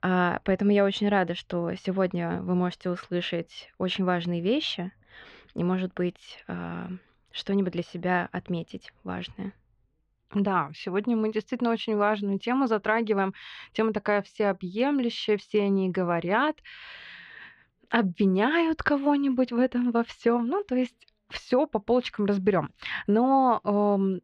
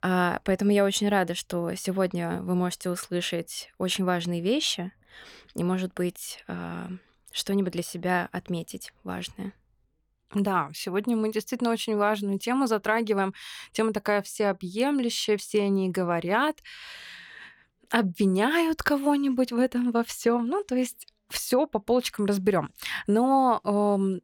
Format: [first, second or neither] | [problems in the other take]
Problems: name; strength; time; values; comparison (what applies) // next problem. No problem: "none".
second | muffled; slightly; fading above 3.5 kHz